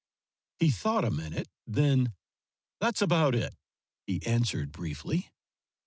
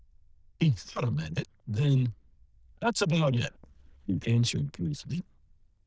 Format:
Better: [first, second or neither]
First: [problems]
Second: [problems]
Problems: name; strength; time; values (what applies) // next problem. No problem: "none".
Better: first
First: none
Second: noise reduction (neural diffusion model UNIVERSE++)